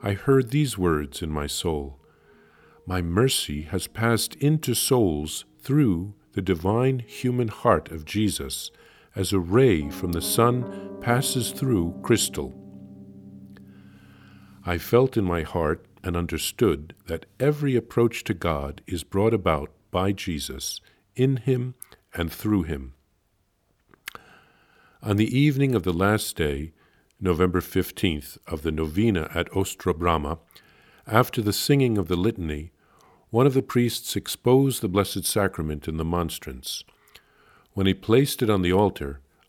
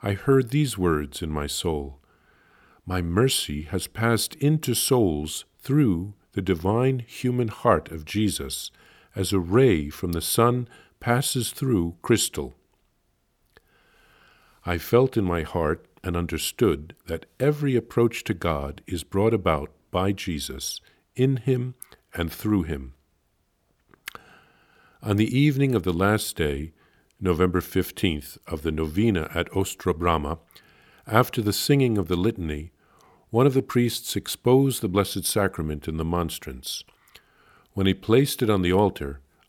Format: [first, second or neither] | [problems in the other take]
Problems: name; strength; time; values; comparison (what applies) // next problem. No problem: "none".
second | background music; noticeable; throughout; 20 dB below the speech